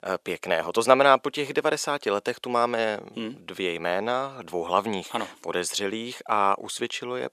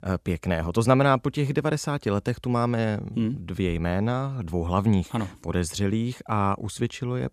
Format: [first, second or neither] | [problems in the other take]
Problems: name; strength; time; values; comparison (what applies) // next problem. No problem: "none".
second | thin; very; fading below 500 Hz